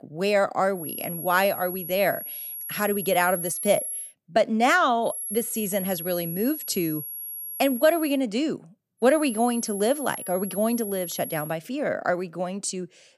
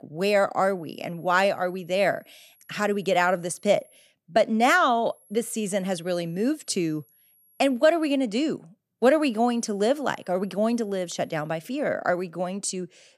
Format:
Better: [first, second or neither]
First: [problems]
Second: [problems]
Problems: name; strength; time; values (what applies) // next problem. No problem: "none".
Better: second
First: high-pitched whine; loud; from 1 to 4 s, from 5 to 8 s and from 9 to 11 s; 11.5 kHz, 7 dB below the speech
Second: high-pitched whine; faint; from 1 to 4 s, from 5 to 8 s and from 9 to 11 s; 11.5 kHz, 35 dB below the speech